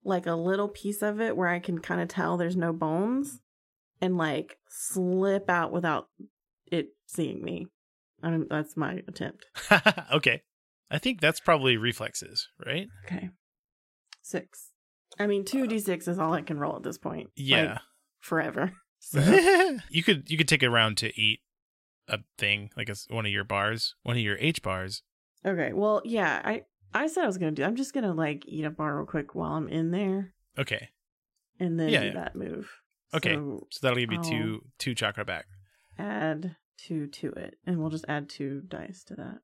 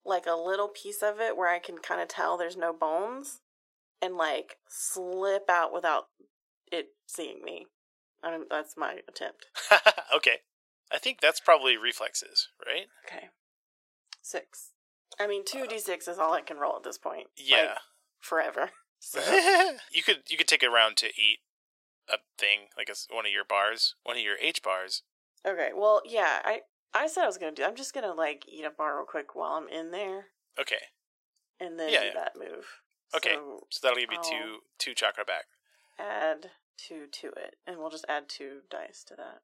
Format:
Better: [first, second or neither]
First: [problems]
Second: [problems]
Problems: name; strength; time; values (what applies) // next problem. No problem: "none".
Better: first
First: none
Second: thin; very; fading below 400 Hz